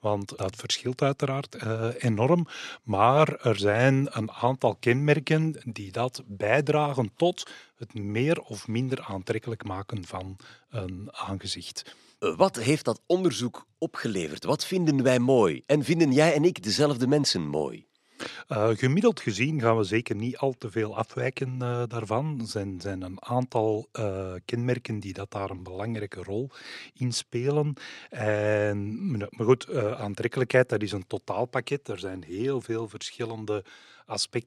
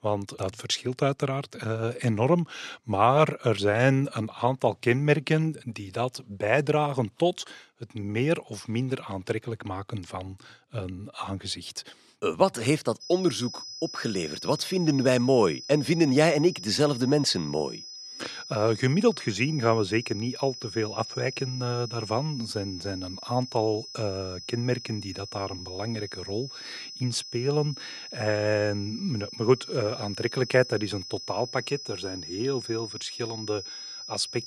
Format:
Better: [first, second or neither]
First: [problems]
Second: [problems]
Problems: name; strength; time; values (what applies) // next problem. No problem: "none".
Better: first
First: none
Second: high-pitched whine; noticeable; from 13 s on; 5 kHz, 10 dB below the speech